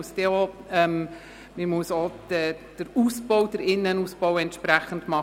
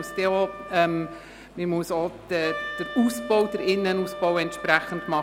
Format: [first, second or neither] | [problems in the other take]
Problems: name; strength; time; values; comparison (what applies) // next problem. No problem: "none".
first | background sound (Wind instrument, woodwind instrument); 12 dB below the speech